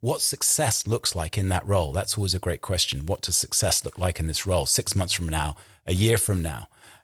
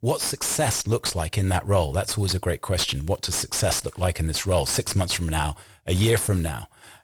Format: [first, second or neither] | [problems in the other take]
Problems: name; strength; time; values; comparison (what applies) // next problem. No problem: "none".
first | distortion; slight; 9 dB below the speech